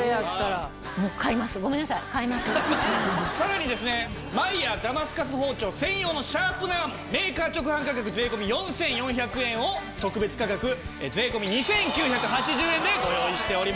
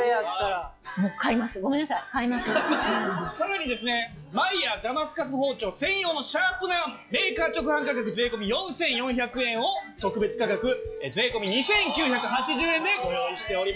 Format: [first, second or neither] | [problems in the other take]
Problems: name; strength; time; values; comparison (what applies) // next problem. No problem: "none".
first | noise reduction (classical method log-MMSE)